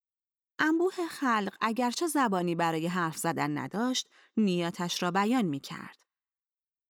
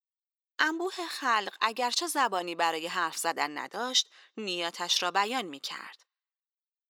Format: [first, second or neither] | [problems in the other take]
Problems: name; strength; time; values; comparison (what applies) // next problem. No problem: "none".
first | thin; very; fading below 550 Hz